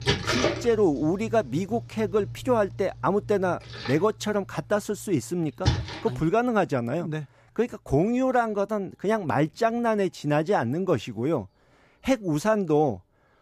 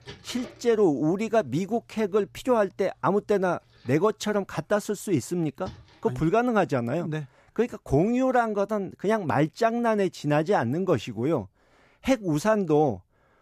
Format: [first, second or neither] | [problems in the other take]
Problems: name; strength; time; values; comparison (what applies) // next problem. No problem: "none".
second | rain or running water; loud; throughout; 7 dB below the speech; faint in the second